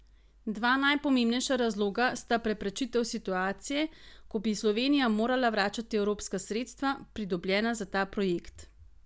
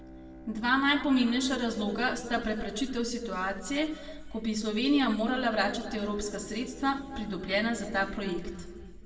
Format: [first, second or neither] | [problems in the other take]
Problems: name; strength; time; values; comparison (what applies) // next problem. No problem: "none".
first | background sound (Bowed string instrument); 19 dB below the speech // room echo; dies away in 1.3 s